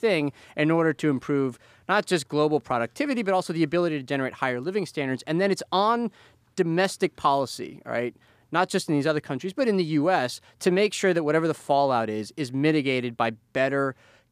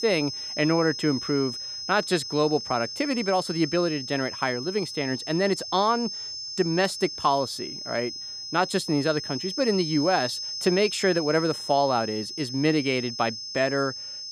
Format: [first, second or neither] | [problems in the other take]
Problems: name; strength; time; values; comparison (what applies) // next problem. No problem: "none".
first | high-pitched whine; loud; throughout; 5 kHz, 7 dB below the speech